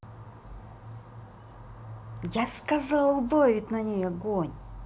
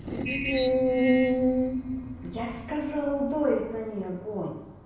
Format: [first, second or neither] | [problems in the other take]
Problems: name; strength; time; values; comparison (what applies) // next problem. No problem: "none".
first | background sound (Screech); 4 dB above the speech // room echo; dies away in 0.9 s